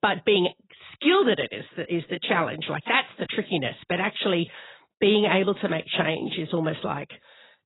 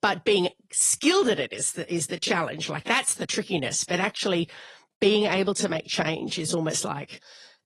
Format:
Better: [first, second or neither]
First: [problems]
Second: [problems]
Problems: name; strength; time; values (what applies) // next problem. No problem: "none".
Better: second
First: garbled, watery; badly; nothing above 4 kHz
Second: garbled, watery; slightly